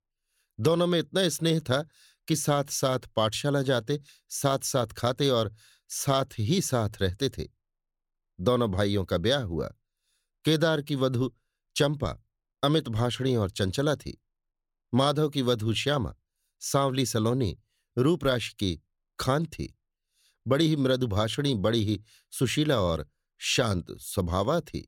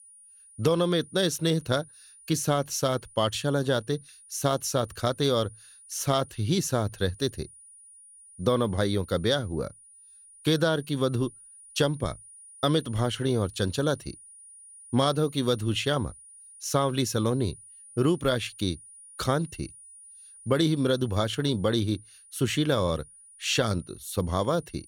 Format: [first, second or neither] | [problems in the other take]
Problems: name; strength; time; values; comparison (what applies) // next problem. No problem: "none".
first | high-pitched whine; faint; throughout; 9.5 kHz, 20 dB below the speech